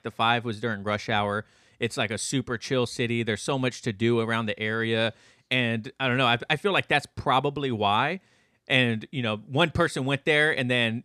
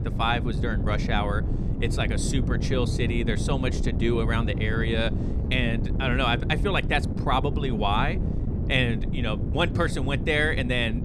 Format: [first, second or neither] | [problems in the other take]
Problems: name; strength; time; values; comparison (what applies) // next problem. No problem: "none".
first | wind noise on the microphone; occasional gusts; 10 dB below the speech